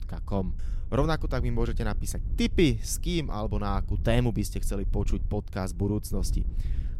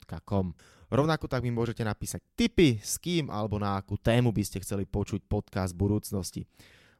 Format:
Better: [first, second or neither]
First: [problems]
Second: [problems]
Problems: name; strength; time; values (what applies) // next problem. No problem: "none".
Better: second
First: wind noise on the microphone; occasional gusts; 20 dB below the speech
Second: none